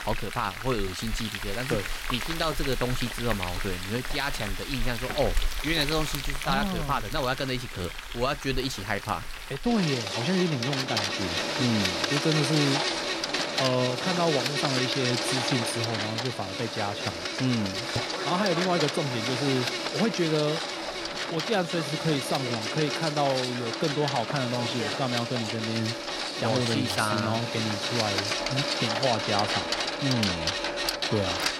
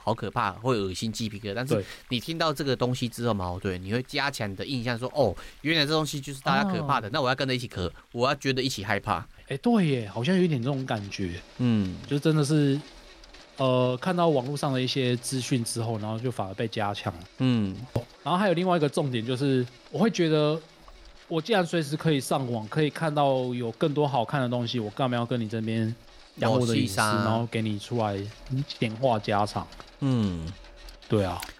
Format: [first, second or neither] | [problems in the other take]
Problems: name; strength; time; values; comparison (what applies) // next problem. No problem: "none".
second | household noises; loud; throughout; as loud as the speech; faint in the second